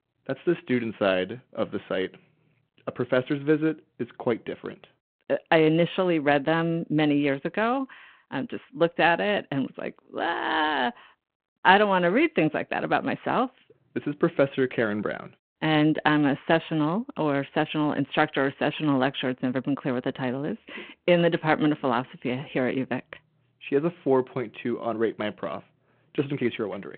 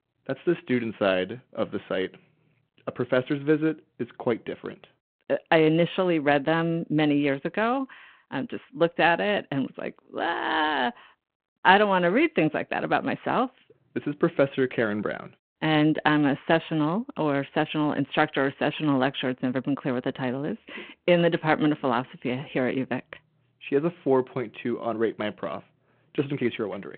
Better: neither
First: phone-call audio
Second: phone-call audio

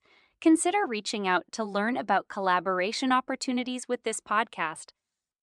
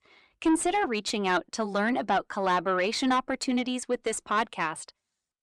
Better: first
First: none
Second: distortion; slight; 10 dB below the speech

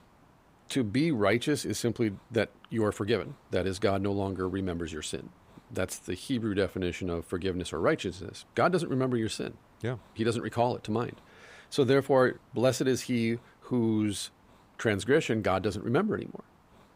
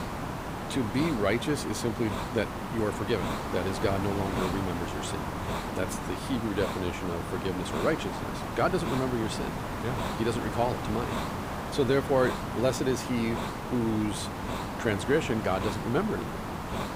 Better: first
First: hiss; faint; throughout; 30 dB below the speech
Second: hiss; loud; throughout; 3 dB below the speech

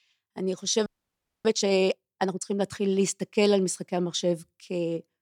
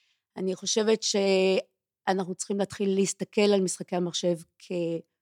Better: second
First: audio freezing; at 1 s for 0.5 s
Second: none

